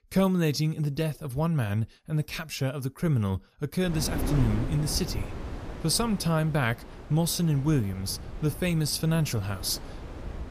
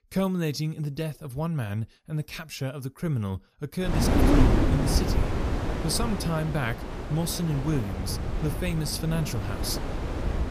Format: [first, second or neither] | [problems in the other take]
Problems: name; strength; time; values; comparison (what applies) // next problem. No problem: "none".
first | wind noise on the microphone; heavy; from 4 s on; 1 dB above the speech; occasional gusts in the first